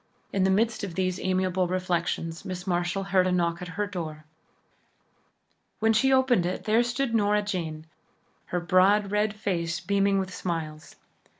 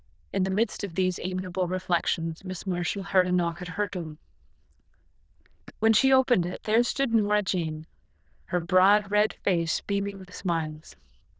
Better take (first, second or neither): first